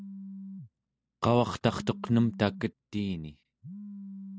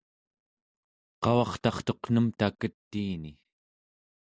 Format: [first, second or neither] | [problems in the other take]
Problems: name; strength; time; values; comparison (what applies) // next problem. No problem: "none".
second | background sound (Telephone); 13 dB below the speech